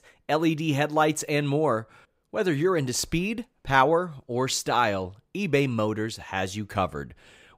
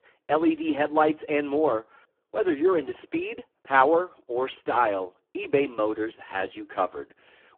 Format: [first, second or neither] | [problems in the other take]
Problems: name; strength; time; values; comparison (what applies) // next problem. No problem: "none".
first | phone-call audio; poor line